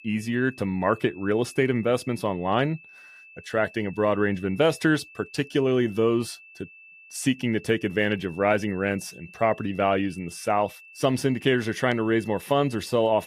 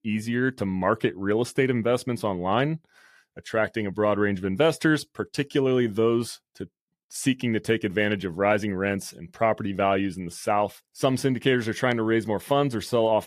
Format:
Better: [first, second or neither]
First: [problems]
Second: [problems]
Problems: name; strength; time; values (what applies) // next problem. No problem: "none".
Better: second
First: high-pitched whine; faint; throughout; 2.5 kHz, 20 dB below the speech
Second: none